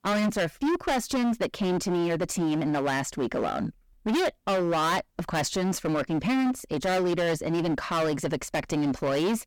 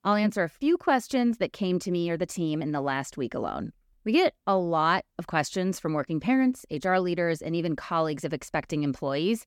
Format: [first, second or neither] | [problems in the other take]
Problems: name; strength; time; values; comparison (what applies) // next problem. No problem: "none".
second | distortion; heavy; 25% of the sound clipped